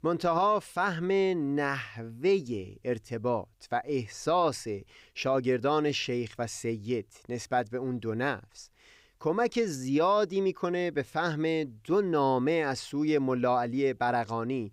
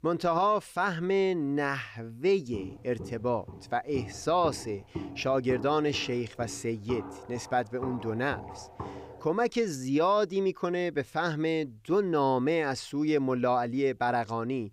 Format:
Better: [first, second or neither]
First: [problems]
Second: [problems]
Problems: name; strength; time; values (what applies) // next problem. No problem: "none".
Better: first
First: none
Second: footsteps; faint; from 2.5 to 9 s; peak 10 dB below the speech